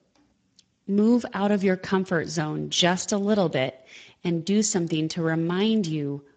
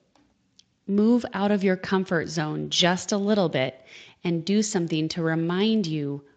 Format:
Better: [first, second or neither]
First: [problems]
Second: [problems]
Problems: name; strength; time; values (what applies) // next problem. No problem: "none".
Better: second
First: garbled, watery; badly; nothing above 7.5 kHz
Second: garbled, watery; slightly; nothing above 7.5 kHz